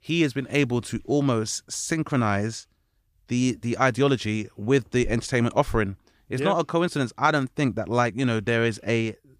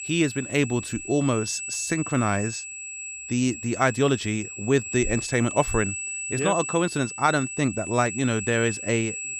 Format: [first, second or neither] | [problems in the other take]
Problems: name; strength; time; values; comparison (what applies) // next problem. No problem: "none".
first | high-pitched whine; loud; throughout; 8 kHz, 7 dB below the speech